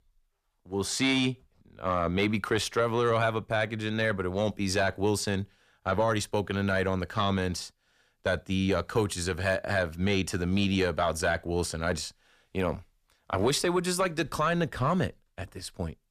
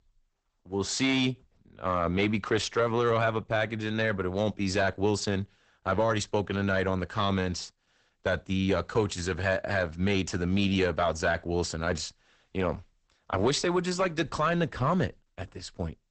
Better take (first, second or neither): first